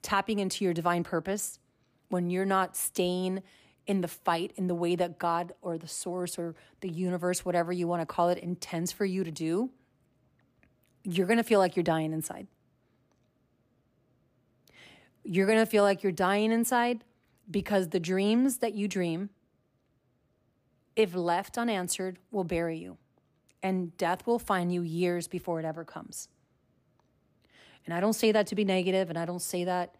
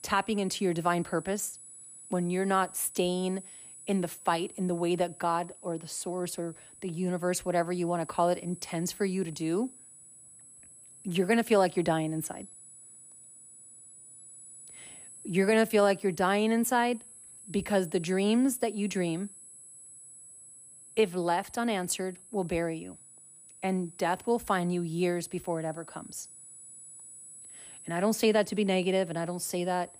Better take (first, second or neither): first